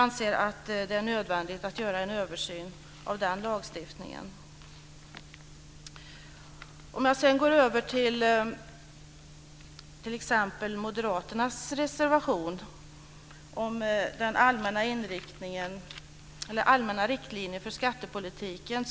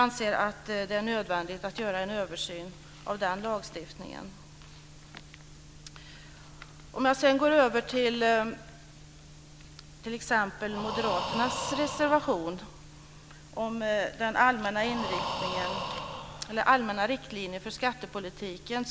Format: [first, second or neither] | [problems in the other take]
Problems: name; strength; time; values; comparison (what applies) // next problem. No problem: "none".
first | background sound (Breathing); 7 dB below the speech